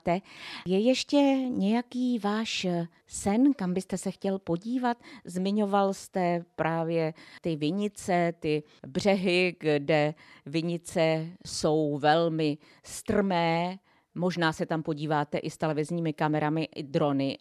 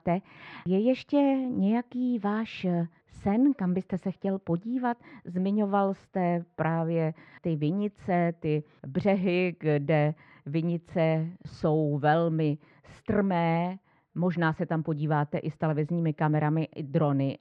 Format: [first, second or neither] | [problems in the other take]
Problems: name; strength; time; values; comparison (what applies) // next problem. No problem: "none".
first | muffled; very; fading above 2 kHz